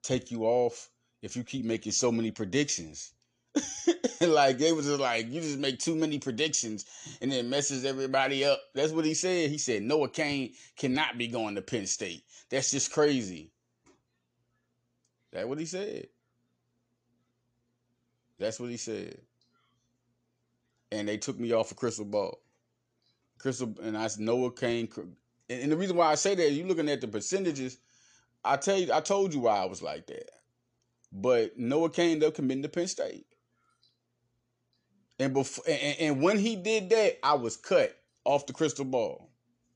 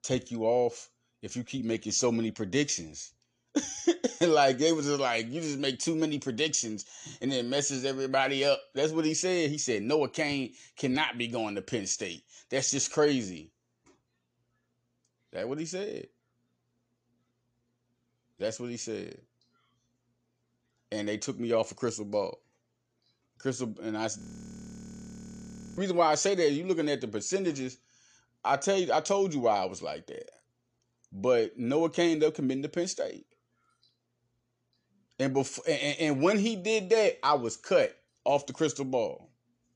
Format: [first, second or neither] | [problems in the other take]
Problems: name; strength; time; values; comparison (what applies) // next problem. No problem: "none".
first | audio freezing; at 24 s for 1.5 s